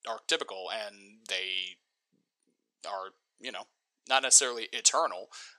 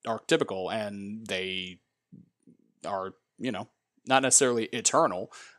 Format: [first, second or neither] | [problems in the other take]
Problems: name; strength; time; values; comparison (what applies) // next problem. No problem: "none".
second | thin; very; fading below 600 Hz